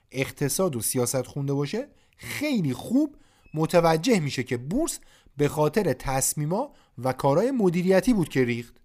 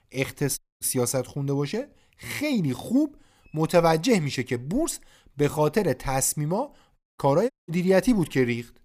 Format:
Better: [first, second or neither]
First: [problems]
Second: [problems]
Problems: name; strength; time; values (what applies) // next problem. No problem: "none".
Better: first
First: none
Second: audio cutting out; at 0.5 s, at 7 s and at 7.5 s